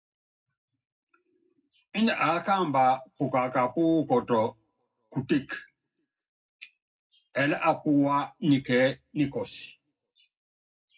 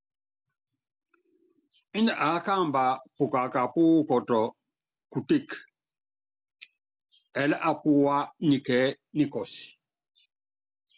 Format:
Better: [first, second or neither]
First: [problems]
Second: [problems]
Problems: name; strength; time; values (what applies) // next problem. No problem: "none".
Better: second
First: room echo; dies away in 0.3 s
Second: none